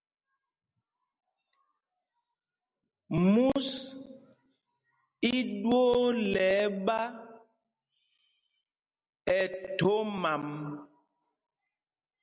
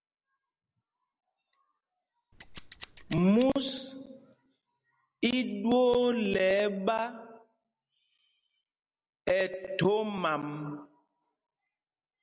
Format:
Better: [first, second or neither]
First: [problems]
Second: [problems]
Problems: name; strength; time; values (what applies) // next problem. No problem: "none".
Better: first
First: none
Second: background sound (Scissors); 16 dB below the speech